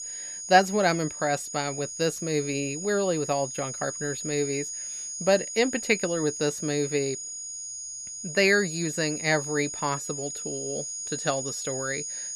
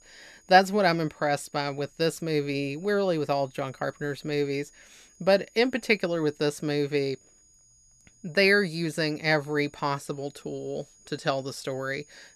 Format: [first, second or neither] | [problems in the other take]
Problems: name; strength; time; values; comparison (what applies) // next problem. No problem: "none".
second | high-pitched whine; loud; throughout; 6.5 kHz, 6 dB below the speech; faint in the second